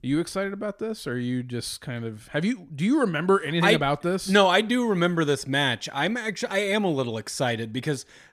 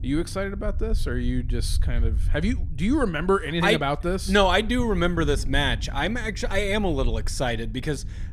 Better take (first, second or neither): first